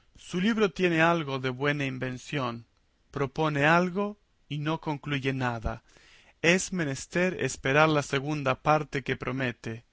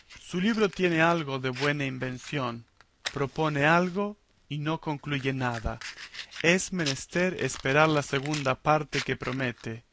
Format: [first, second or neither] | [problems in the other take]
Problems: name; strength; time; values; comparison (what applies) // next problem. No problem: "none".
first | background sound (Fire); 16 dB below the speech